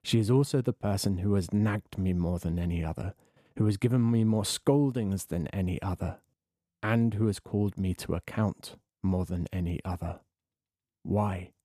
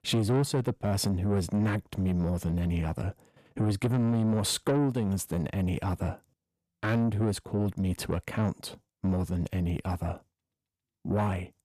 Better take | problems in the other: first | distortion; slight; 10 dB below the speech

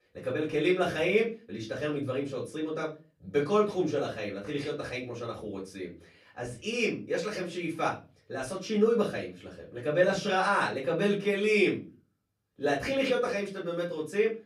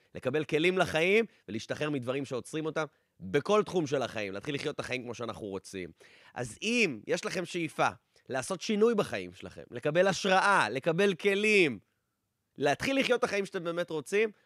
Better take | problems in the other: second | off-mic speech; far // room echo; very slight; dies away in 0.3 s

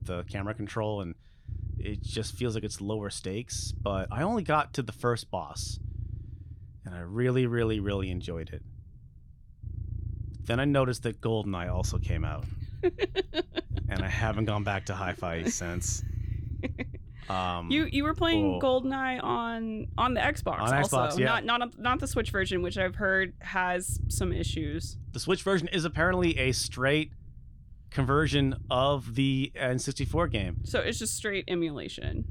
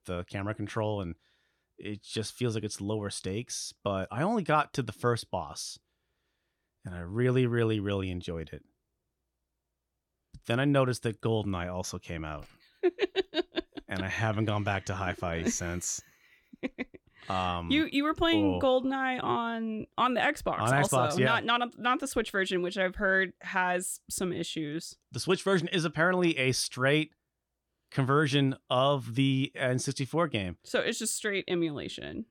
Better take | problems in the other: second | low rumble; faint; throughout; 25 dB below the speech

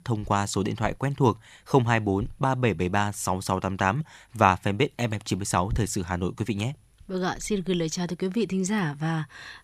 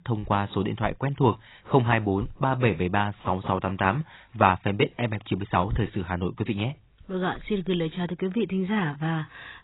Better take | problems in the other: first | garbled, watery; badly; nothing above 4 kHz

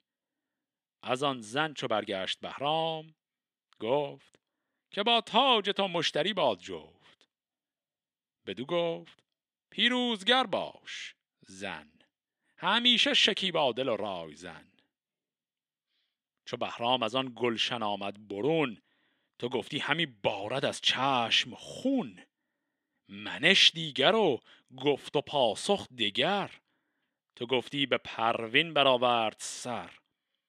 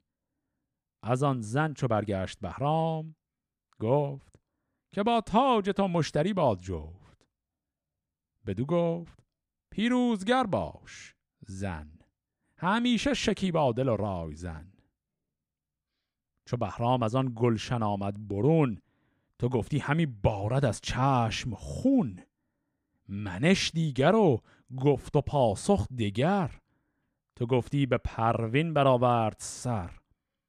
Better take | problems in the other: second | thin; very slightly; fading below 300 Hz

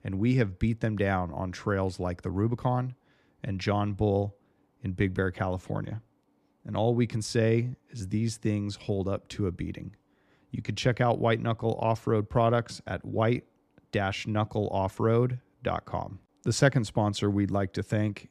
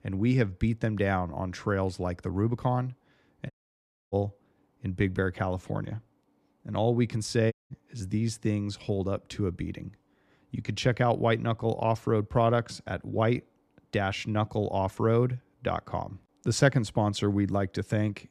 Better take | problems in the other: first | audio cutting out; at 3.5 s for 0.5 s and at 7.5 s

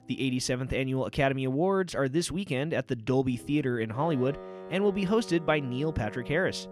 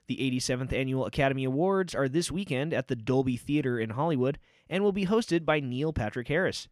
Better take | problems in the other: second | background music; noticeable; throughout; 15 dB below the speech

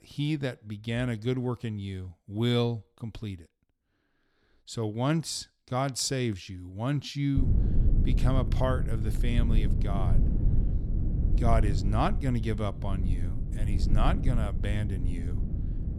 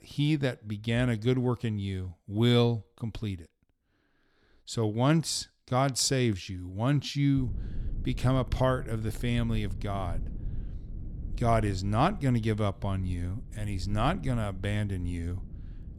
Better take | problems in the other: second | low rumble; loud; from 7.5 s on; 9 dB below the speech; faint in the second

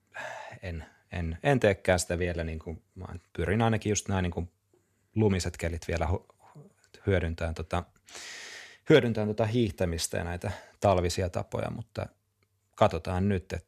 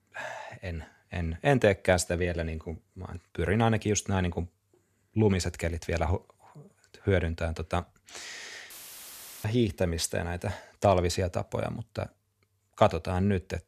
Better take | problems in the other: first | audio cutting out; filled with static; at 8.5 s for 0.5 s

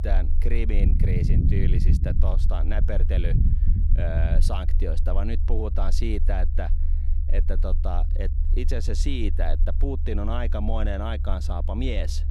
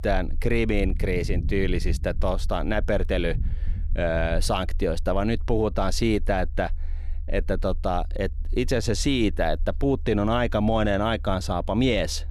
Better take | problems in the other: second | low rumble; loud; throughout; 8 dB below the speech; faint in the second

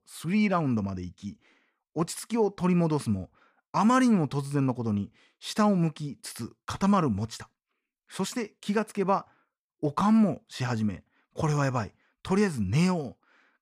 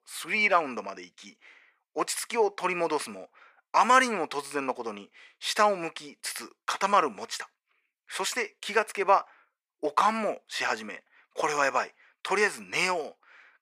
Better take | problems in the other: first | thin; very; fading below 450 Hz

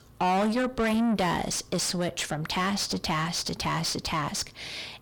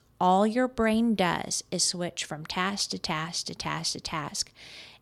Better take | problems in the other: second | distortion; heavy; 5 dB below the speech

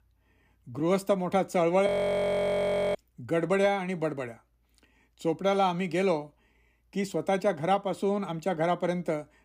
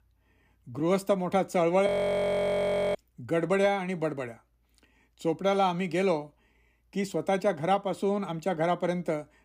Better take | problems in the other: neither | audio freezing; at 2 s for 1 s; the same in both

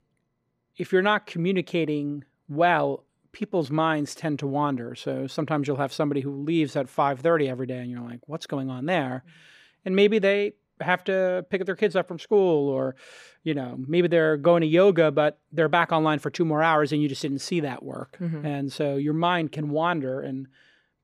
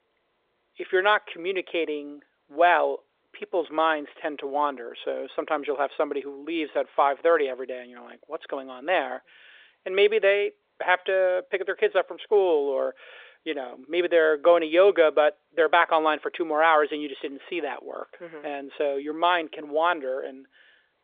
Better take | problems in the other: first | phone-call audio; nothing above 3.5 kHz

